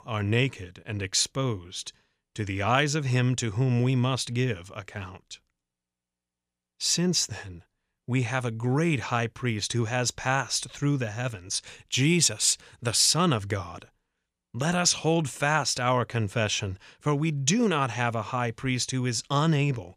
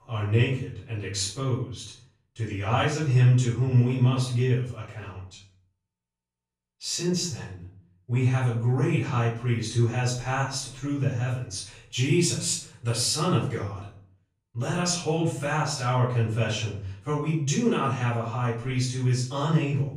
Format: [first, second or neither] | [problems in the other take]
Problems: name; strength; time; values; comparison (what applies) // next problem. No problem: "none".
first | off-mic speech; far // room echo; noticeable; dies away in 0.5 s